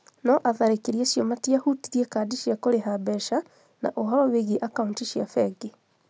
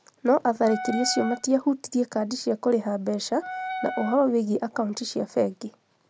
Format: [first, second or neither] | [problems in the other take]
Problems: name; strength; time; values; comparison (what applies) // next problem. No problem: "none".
first | background sound (Wind instrument, woodwind instrument); 9 dB below the speech